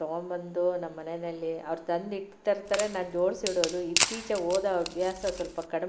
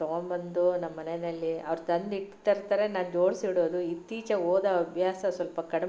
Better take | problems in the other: second | background sound (Wood); 4 dB below the speech

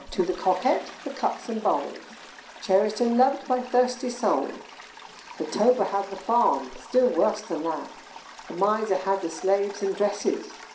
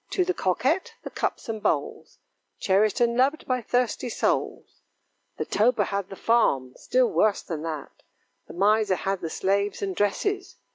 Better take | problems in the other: second | background sound (Toilet flush); 18 dB below the speech // room echo; dies away in 0.5 s

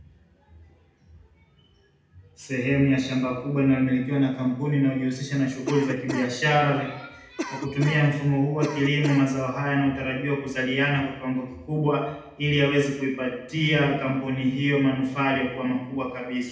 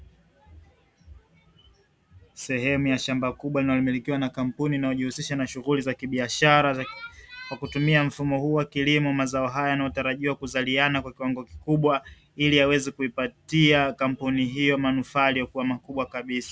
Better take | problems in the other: second | background sound (Cough); 10 dB below the speech // room echo; dies away in 0.8 s

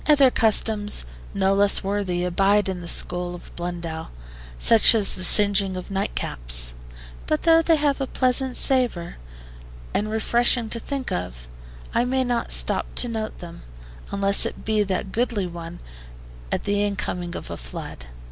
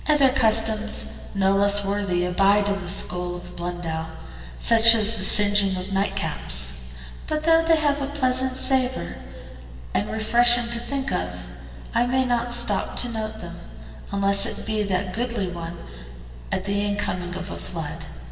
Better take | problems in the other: first | room echo; dies away in 2.6 s

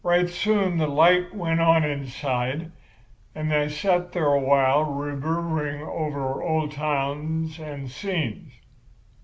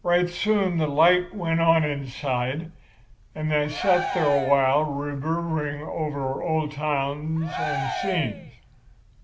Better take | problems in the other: first | background sound (Cheering); 7 dB below the speech

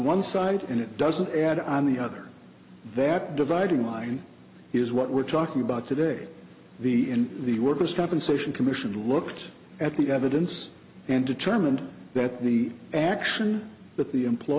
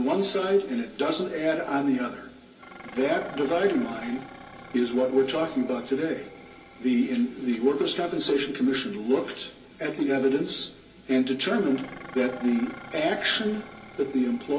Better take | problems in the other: first | background sound (Dishes, pots, and pans); 20 dB below the speech // room echo; dies away in 0.3 s

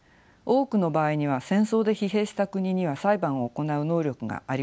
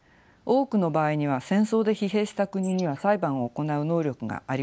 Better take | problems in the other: first | noise reduction (neural mask model Resemble Enhance denoiser)

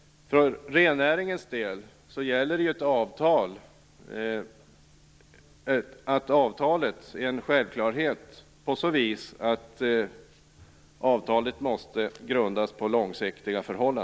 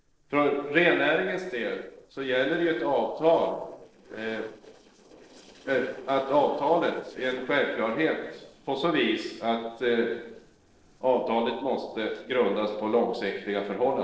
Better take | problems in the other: first | noise reduction (neural separator model SepFormer DNS4)

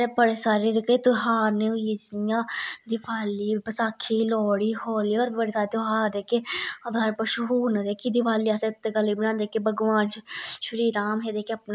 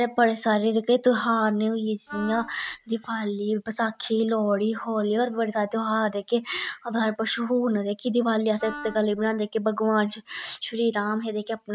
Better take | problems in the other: first | noise reduction (neural mask model RNNoise)

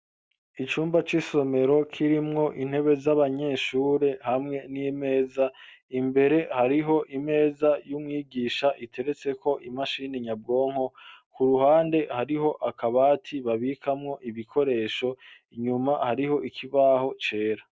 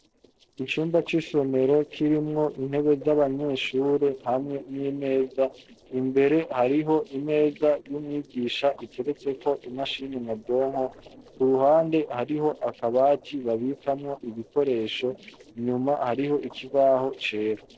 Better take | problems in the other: first | noise reduction (neural separator model SepFormer DNS4)

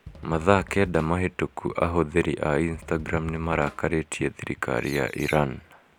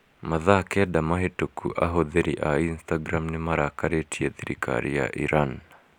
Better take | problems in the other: second | background sound (Bird + Drum kit); 18 dB below the speech

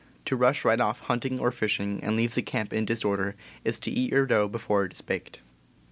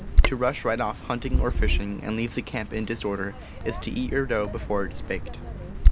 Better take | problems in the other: first | background sound (Bird vocalization, bird call, bird song); 4 dB above the speech

